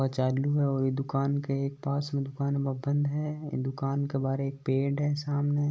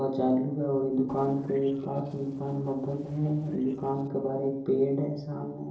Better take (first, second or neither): first